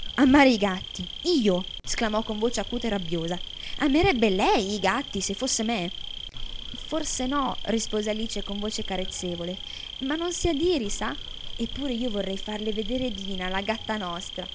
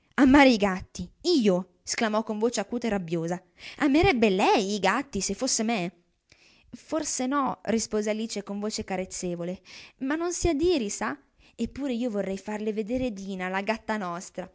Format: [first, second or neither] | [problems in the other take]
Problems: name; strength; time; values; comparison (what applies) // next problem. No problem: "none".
second | background sound (Insect); 8 dB below the speech